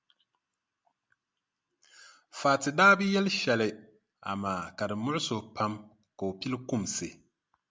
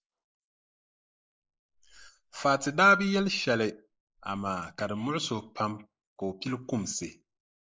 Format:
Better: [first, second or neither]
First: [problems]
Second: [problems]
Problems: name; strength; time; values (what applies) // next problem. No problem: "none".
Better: first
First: none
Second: noise reduction (neural mask model Resemble Enhance denoiser)